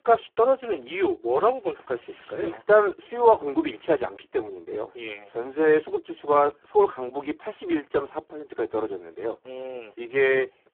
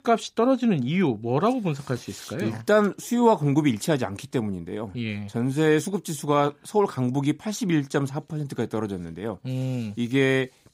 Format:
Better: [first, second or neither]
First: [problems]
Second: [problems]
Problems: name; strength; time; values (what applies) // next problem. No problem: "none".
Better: second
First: phone-call audio; poor line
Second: none